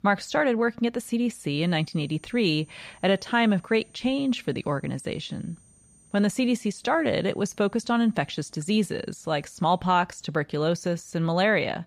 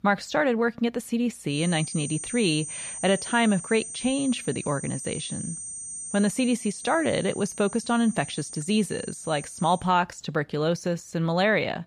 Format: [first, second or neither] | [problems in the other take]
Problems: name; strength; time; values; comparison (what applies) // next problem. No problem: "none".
first | high-pitched whine; loud; from 1.5 to 10 s; 8.5 kHz, 9 dB below the speech; faint in the first